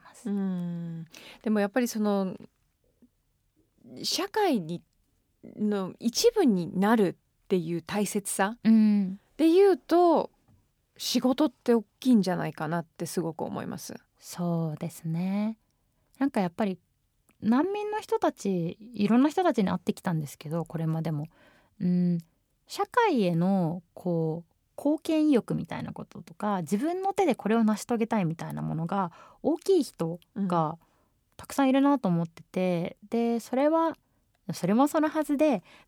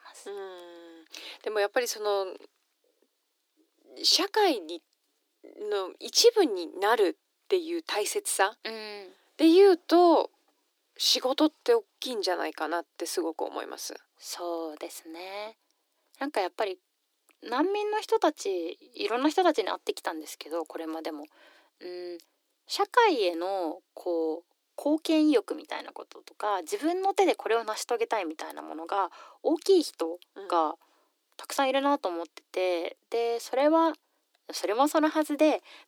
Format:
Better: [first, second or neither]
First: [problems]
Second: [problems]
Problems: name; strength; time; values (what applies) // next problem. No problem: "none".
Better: first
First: none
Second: thin; somewhat; fading below 300 Hz